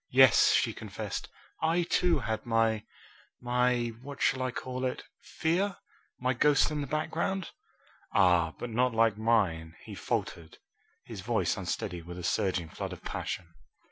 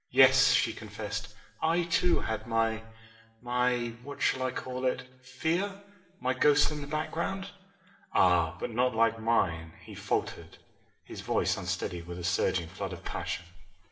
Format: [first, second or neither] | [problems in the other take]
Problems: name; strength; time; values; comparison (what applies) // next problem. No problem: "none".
first | room echo; dies away in 0.8 s